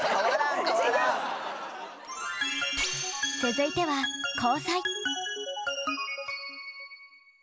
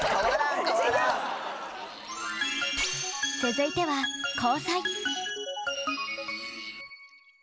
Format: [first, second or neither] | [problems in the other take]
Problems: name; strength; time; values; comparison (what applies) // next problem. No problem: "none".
first | background sound (Fart + Liquid); 17 dB below the speech